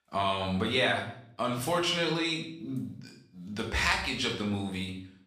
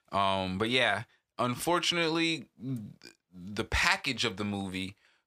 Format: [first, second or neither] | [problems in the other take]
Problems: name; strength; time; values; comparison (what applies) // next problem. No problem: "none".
second | room echo; slight; dies away in 0.6 s // off-mic speech; somewhat distant